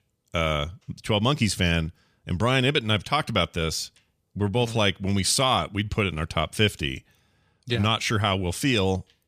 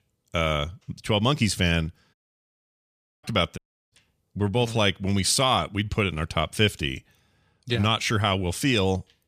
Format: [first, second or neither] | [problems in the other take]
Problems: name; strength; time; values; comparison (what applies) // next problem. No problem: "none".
first | audio cutting out; at 2 s for 1 s and at 3.5 s